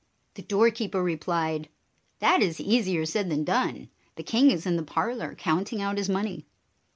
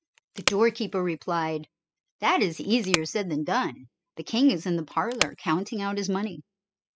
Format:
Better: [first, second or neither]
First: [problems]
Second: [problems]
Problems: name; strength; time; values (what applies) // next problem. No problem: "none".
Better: first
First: none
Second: noise reduction (classical method spectral subtraction)